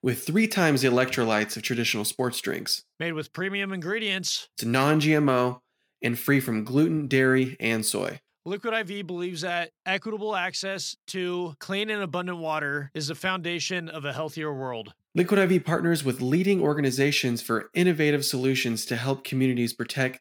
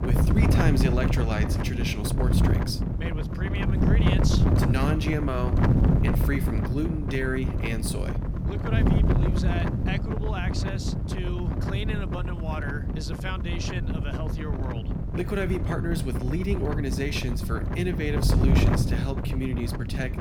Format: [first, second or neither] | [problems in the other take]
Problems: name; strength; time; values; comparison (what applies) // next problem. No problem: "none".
first | wind noise on the microphone; heavy; 1 dB below the speech